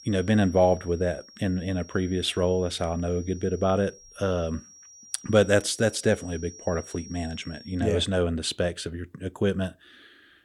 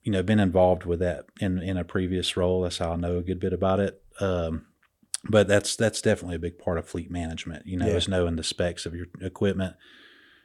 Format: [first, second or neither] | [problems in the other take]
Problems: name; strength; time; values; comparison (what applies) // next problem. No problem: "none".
second | high-pitched whine; faint; until 8 s; 5.5 kHz, 20 dB below the speech